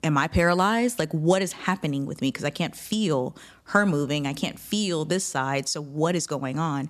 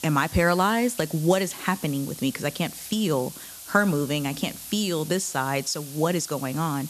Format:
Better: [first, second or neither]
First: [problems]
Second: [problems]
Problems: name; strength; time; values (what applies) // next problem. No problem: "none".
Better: first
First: none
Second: hiss; noticeable; throughout; 15 dB below the speech